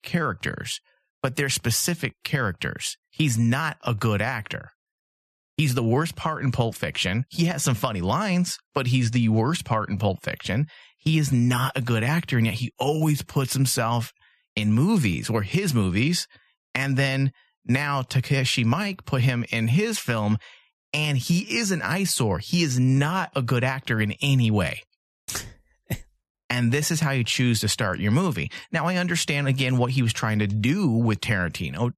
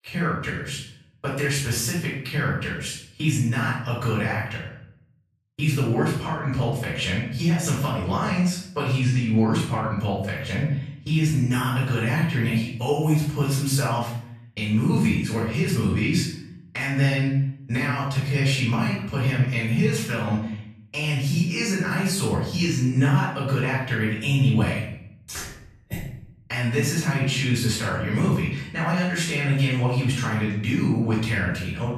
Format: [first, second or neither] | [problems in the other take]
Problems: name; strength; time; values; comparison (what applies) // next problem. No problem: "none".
first | room echo; noticeable; dies away in 0.6 s // off-mic speech; far